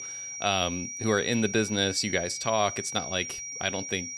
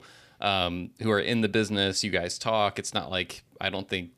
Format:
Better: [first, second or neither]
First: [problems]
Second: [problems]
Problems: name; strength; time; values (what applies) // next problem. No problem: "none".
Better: second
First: high-pitched whine; loud; throughout; 6 kHz, 7 dB below the speech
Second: none